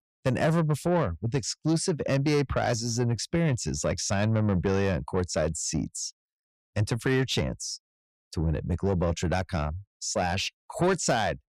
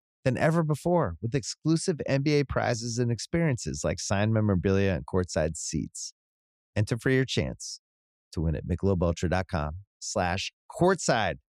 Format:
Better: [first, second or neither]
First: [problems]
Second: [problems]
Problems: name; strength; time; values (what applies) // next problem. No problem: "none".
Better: second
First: distortion; slight; 10 dB below the speech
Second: none